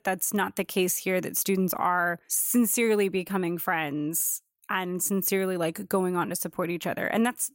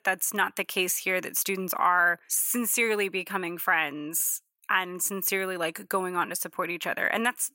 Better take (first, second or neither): first